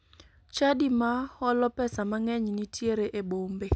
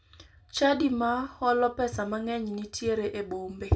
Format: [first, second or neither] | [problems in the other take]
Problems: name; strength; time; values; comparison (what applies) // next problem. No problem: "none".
first | room echo; dies away in 0.2 s